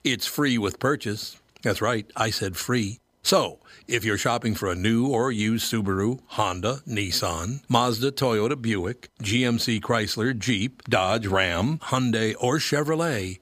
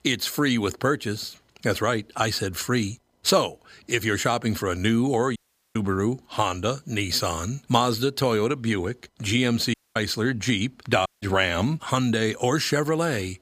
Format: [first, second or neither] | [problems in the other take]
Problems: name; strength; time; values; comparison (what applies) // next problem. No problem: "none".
first | audio cutting out; at 5.5 s, at 9.5 s and at 11 s